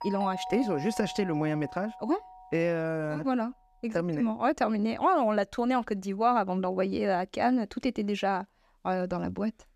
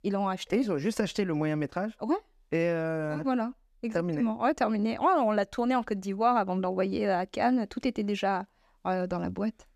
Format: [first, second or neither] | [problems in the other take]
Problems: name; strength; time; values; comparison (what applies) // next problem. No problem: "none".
second | doorbell; noticeable; until 2.5 s; peak 8 dB below the speech